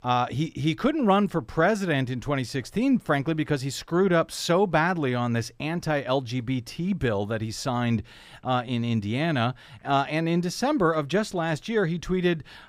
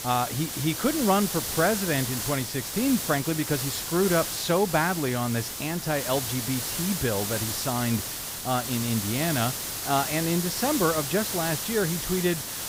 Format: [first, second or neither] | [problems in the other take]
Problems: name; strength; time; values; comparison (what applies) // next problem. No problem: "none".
first | hiss; loud; throughout; 3 dB below the speech